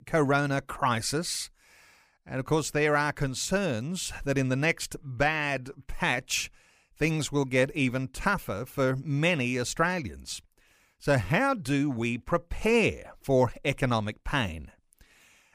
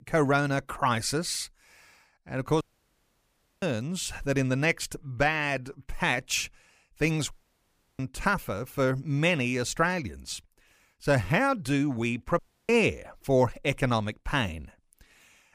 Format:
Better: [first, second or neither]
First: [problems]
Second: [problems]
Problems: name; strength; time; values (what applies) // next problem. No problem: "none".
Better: first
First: none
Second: audio cutting out; at 2.5 s for 1 s, at 7.5 s for 0.5 s and at 12 s